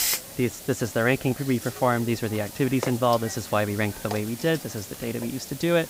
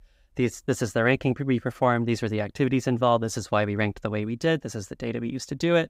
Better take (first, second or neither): second